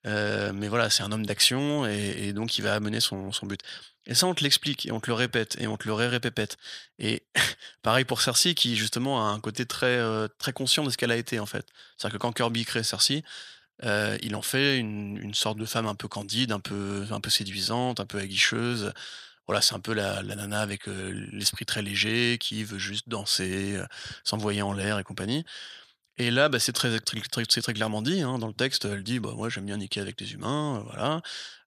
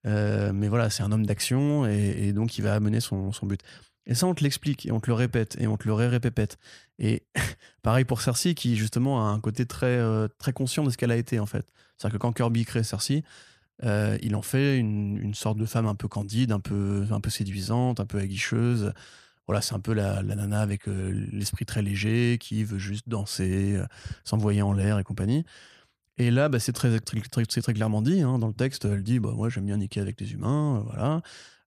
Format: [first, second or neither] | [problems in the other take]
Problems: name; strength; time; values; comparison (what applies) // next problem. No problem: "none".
second | thin; somewhat; fading below 500 Hz